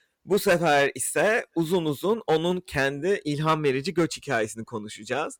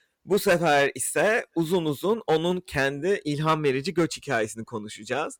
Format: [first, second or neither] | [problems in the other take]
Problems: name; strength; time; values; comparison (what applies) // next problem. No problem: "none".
neither | distortion; slight; 4% of the sound clipped; the same in both